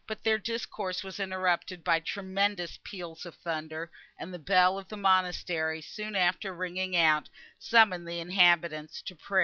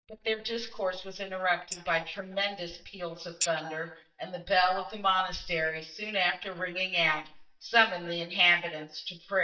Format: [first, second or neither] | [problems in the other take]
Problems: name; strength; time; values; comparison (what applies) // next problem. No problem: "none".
first | noise reduction (neural mask model DeepFilterNet 3)